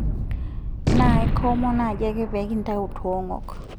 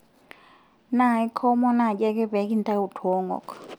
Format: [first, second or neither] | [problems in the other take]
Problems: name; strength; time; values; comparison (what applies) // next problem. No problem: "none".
second | background sound (Gunshot, gunfire); 2 dB above the speech